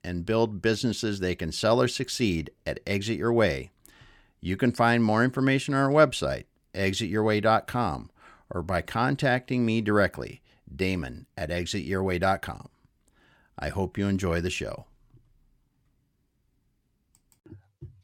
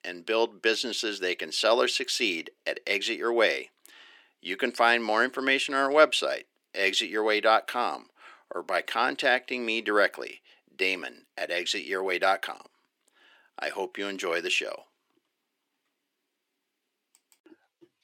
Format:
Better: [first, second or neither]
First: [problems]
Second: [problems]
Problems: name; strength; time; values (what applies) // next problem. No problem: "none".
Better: first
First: none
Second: thin; somewhat; fading below 350 Hz